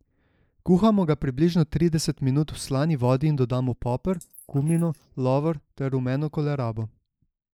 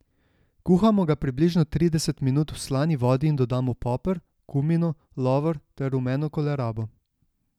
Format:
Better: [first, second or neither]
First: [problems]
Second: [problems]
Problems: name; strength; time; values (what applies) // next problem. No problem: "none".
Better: second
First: noise reduction (neural mask model Resemble Enhance denoiser)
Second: none